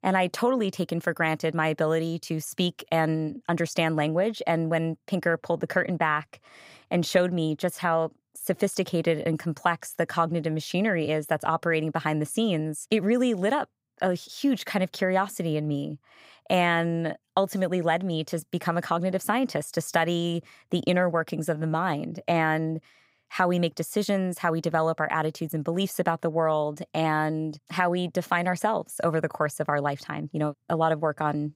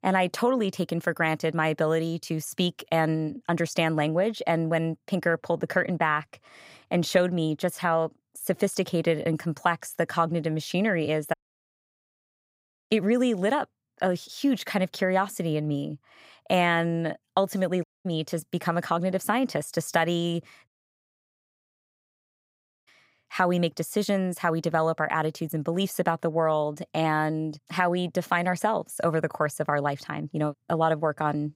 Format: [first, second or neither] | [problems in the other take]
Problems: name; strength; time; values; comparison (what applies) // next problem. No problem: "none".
first | audio cutting out; at 11 s for 1.5 s, at 18 s and at 21 s for 2 s